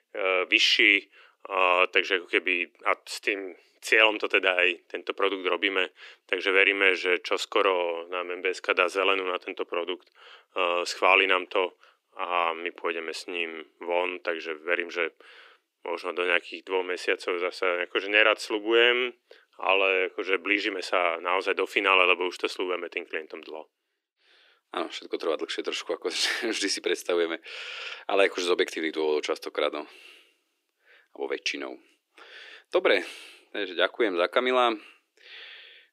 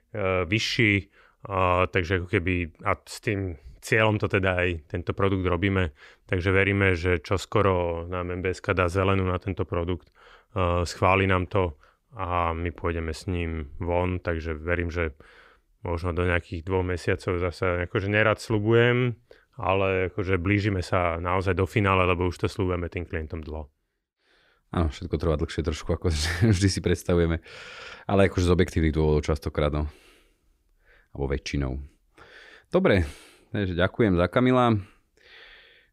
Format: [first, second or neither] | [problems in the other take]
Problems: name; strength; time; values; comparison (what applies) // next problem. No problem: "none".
second | thin; very; fading below 300 Hz